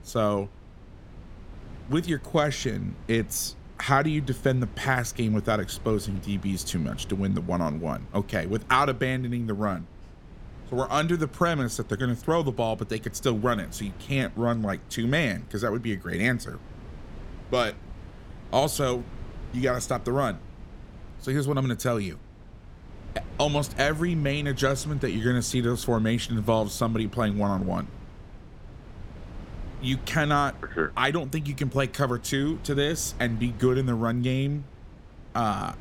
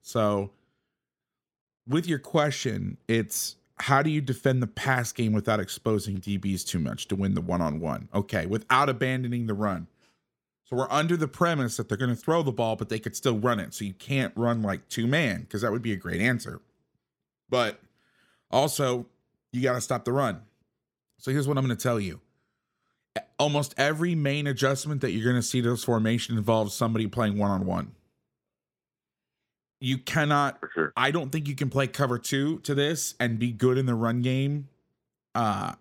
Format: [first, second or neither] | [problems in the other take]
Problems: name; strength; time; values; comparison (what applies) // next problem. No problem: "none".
second | wind noise on the microphone; occasional gusts; 25 dB below the speech